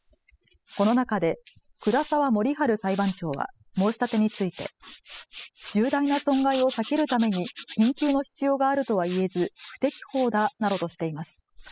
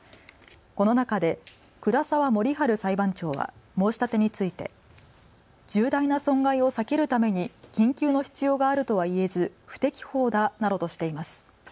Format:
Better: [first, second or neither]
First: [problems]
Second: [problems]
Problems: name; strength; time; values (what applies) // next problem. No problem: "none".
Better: second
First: noise reduction (classical method spectral subtraction)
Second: none